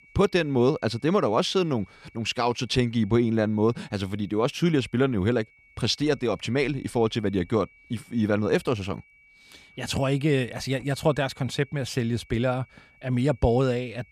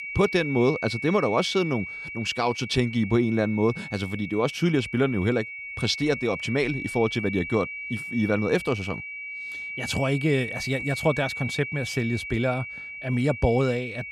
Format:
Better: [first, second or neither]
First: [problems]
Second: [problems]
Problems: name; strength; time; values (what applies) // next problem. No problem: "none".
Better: first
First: high-pitched whine; faint; throughout; 2.5 kHz, 30 dB below the speech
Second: high-pitched whine; loud; throughout; 2.5 kHz, 8 dB below the speech